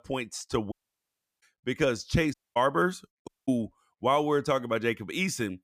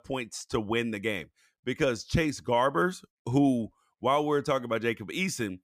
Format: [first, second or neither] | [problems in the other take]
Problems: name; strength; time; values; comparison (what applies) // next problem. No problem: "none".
second | audio cutting out; at 0.5 s for 0.5 s, at 2.5 s and at 3.5 s